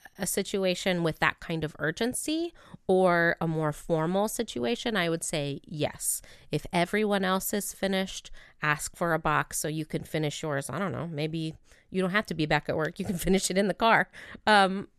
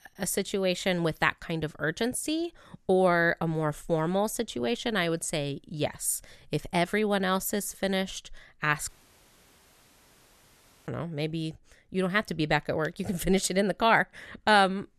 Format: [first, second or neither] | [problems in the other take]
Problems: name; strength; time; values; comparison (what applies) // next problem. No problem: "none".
first | audio cutting out; at 9 s for 2 s